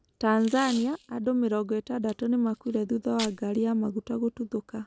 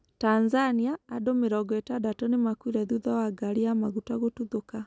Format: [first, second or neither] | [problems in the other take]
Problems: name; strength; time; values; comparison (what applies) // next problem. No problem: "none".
second | background sound (Packing tape, duct tape); 18 dB below the speech